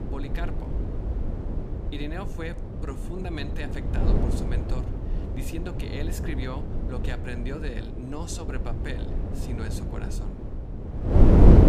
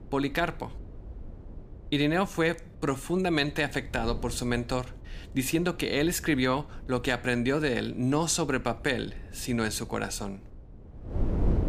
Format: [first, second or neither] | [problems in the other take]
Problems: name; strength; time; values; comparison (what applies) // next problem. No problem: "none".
second | wind noise on the microphone; heavy; 3 dB above the speech; occasional gusts in the second